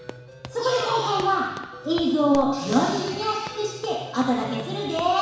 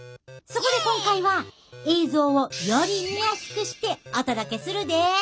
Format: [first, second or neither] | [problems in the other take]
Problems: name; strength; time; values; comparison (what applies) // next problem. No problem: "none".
second | background sound (Run); 19 dB below the speech // room echo; dies away in 1.1 s